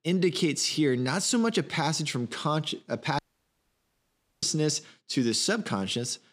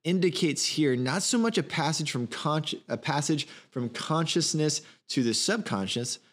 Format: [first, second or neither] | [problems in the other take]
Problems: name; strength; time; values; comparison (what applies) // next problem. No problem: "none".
second | audio cutting out; at 3 s for 1 s